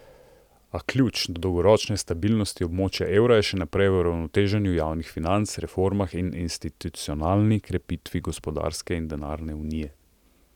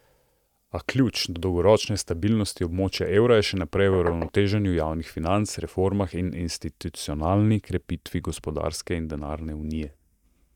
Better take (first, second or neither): first